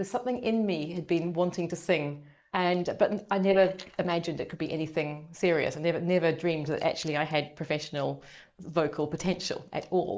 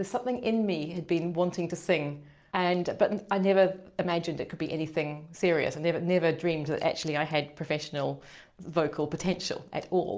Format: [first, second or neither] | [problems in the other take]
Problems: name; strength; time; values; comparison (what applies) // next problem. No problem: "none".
second | noise reduction (neural mask model Resemble Enhance denoiser)